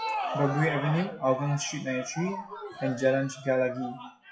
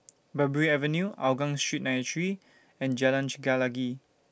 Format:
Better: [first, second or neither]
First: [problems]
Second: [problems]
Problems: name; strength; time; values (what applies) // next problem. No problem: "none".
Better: second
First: noise reduction (classical method WPE with log-MMSE)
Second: none